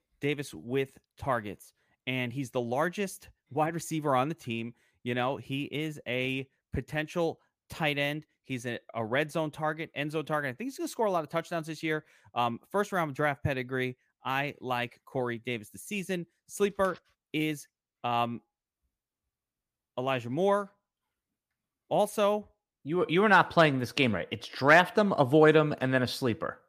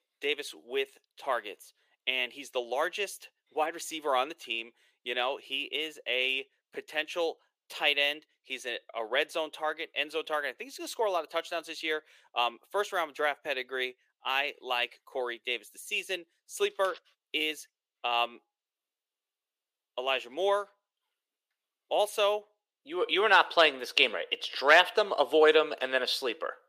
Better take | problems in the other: first | thin; very; fading below 400 Hz

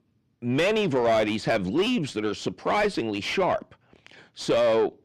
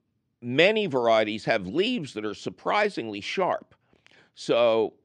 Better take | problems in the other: second | distortion; heavy; 7 dB below the speech

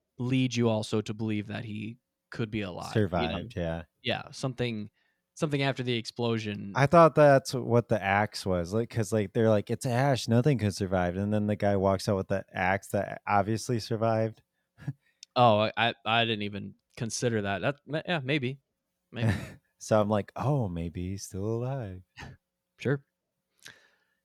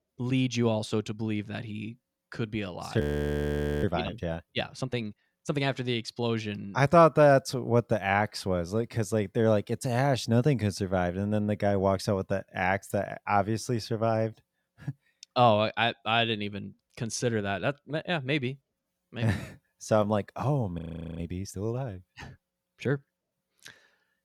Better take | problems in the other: first | audio freezing; at 3 s for 1 s and at 21 s

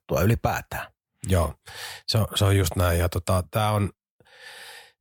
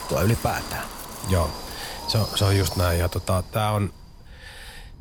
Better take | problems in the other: first | wind noise on the microphone; heavy; 7 dB below the speech

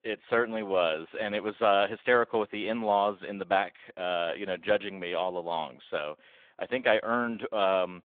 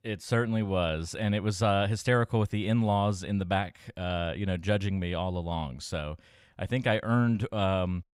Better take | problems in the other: second | phone-call audio

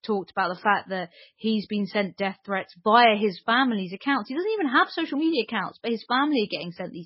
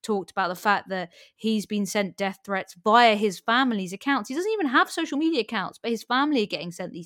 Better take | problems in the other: second | garbled, watery; badly; nothing above 5 kHz

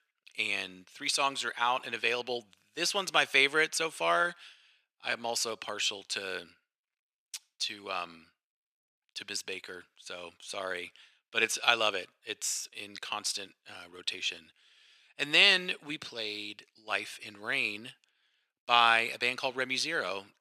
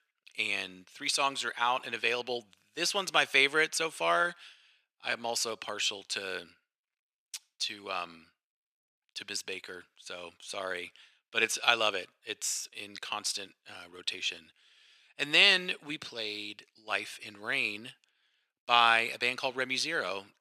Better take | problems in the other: neither | thin; very; fading below 550 Hz; the same in both

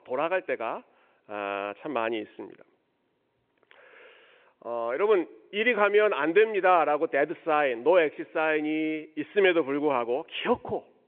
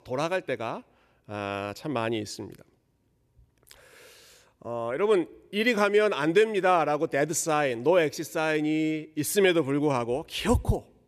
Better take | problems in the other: second | phone-call audio; nothing above 3.5 kHz

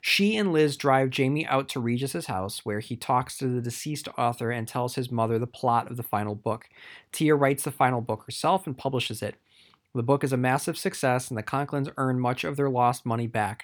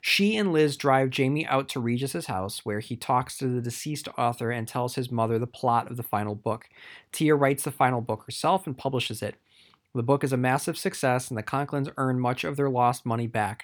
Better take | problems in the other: neither | none

